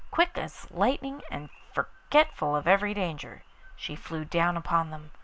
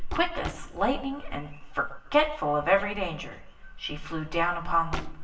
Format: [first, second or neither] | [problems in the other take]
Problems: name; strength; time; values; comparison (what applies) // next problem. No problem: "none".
first | background sound (Knock); 16 dB below the speech // room echo; dies away in 0.7 s